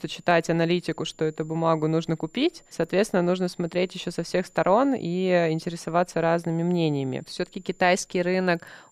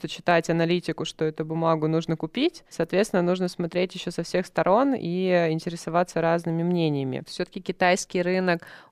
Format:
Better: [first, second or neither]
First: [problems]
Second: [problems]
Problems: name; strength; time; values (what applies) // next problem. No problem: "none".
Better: second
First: high-pitched whine; faint; throughout; 7 kHz, 30 dB below the speech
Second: none